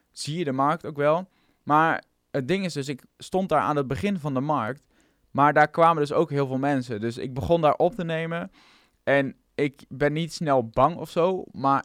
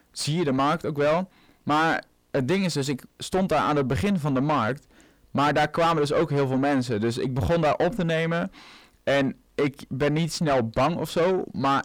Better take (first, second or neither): first